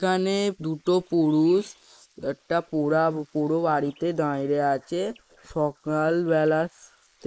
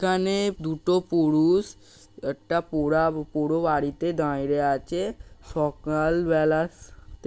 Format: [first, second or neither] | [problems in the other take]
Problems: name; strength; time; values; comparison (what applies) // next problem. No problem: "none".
second | noise reduction (neural mask model Resemble Enhance denoiser)